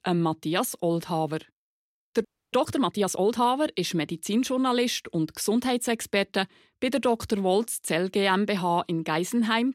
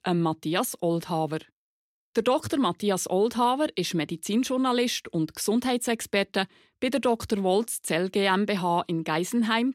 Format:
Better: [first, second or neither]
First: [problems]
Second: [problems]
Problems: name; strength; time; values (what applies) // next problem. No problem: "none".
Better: second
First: audio freezing; at 2.5 s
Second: none